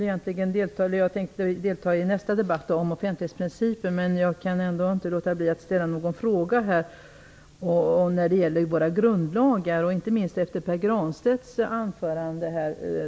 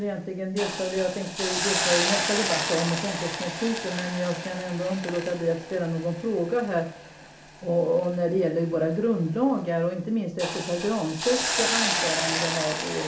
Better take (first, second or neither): first